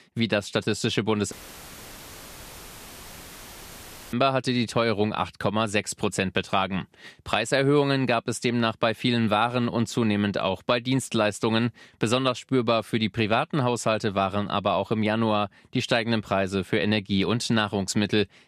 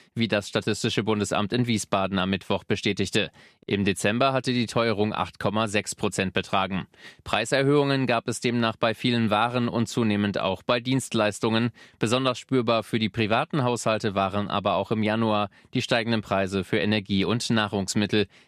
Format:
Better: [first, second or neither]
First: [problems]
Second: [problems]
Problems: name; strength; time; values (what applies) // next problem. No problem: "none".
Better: second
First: audio cutting out; filled with static; at 1.5 s for 3 s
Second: none